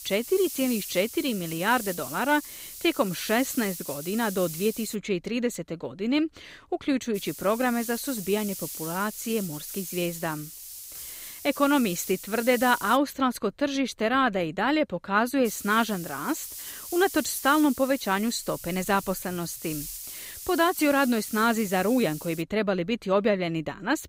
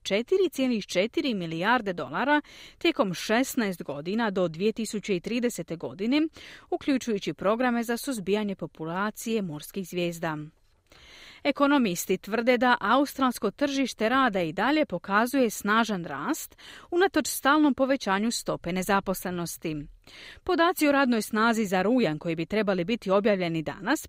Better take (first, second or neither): second